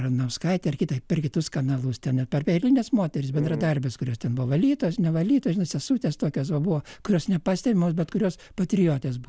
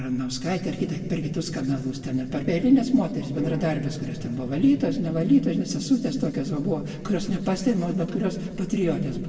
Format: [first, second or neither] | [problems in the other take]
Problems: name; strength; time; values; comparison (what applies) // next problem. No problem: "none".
first | room echo; dies away in 1.7 s